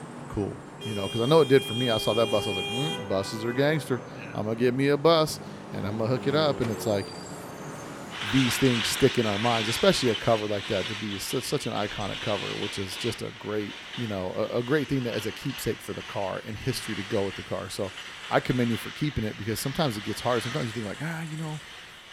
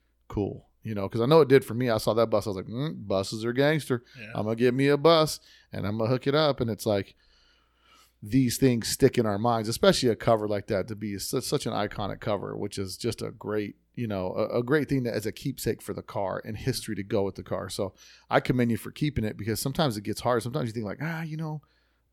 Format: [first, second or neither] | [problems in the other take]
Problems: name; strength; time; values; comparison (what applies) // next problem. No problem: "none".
second | traffic noise; loud; throughout; 7 dB below the speech